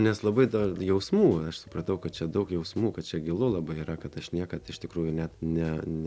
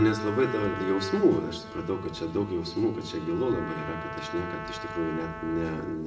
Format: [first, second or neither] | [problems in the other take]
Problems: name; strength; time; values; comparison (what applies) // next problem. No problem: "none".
first | background sound (Trumpet); 11 dB below the speech // room echo; dies away in 0.8 s